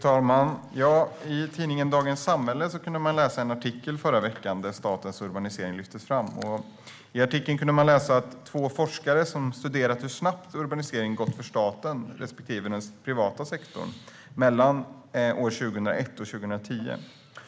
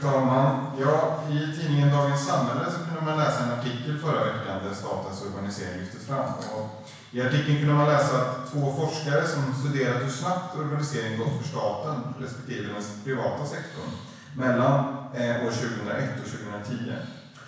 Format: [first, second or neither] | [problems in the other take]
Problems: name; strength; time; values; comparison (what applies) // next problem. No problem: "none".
first | room echo; dies away in 1.1 s